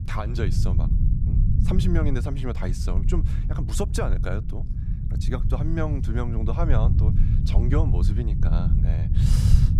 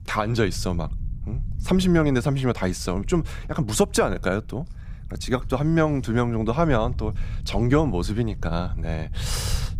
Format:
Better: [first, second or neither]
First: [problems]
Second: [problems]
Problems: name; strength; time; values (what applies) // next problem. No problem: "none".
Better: second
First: low rumble; loud; throughout; 4 dB below the speech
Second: low rumble; faint; throughout; 25 dB below the speech